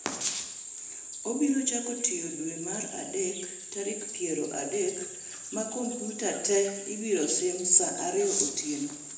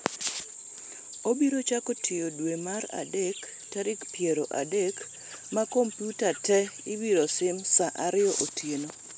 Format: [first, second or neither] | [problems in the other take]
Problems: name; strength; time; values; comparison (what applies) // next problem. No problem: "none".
second | room echo; dies away in 0.9 s